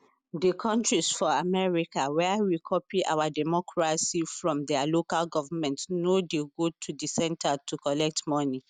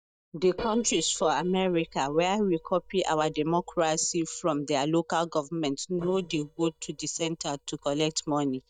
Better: first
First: none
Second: noise reduction (neural mask model DeepFilterNet 3)

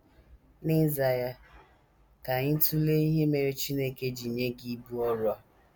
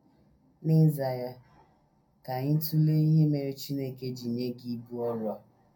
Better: first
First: none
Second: room echo; dies away in 0.2 s

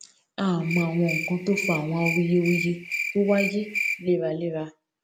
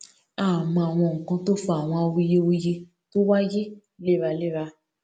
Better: second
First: background sound (Cricket); 6 dB below the speech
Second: none

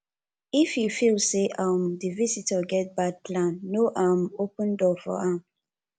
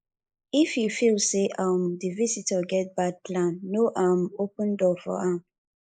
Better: first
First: none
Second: noise reduction (neural mask model Resemble Enhance denoiser)

